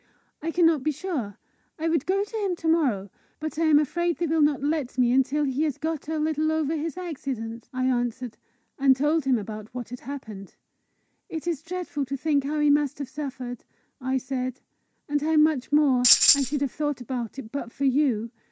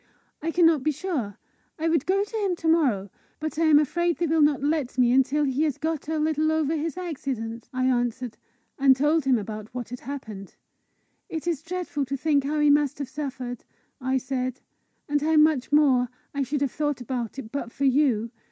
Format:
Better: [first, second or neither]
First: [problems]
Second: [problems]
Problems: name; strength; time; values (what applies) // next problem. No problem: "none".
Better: second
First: background sound (Tambourine); 4 dB above the speech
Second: none